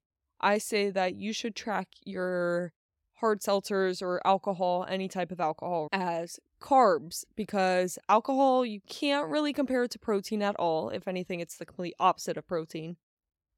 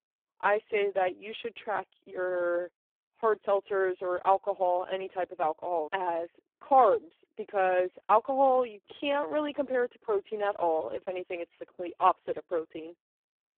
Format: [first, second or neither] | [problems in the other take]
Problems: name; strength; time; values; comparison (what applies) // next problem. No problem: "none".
first | phone-call audio; poor line